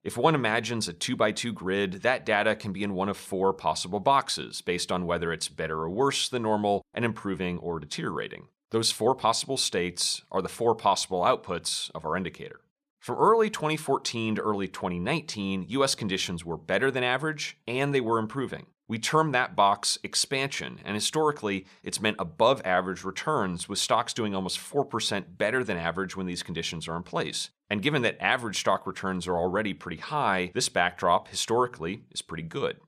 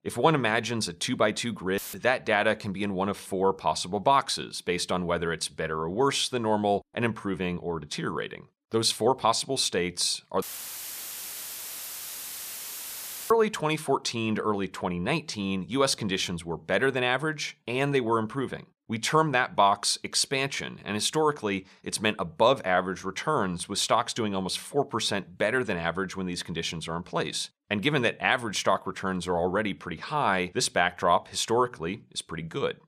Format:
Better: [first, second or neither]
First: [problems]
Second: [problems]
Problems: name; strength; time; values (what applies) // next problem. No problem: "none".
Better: first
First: none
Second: audio cutting out; filled with static; at 2 s and at 10 s for 3 s